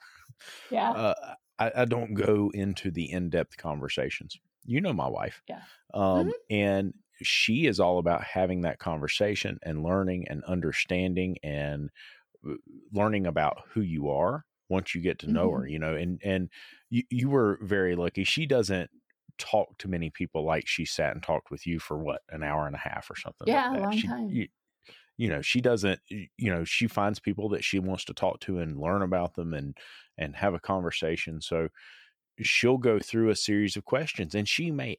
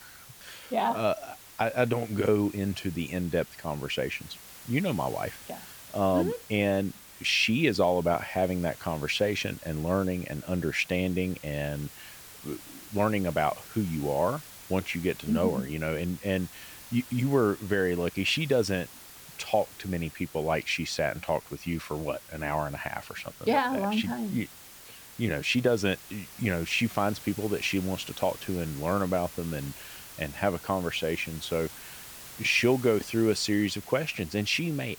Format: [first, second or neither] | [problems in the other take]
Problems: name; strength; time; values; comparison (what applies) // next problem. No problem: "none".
first | hiss; noticeable; throughout; 15 dB below the speech